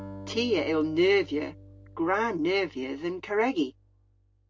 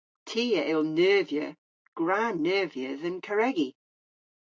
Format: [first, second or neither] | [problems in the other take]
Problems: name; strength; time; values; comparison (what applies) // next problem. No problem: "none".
second | background sound (Acoustic guitar); 18 dB below the speech